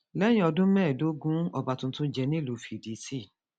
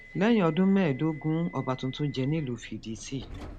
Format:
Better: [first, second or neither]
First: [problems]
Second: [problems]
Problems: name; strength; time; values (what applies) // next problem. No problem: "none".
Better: first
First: none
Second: background sound (Subway, metro, underground); 19 dB below the speech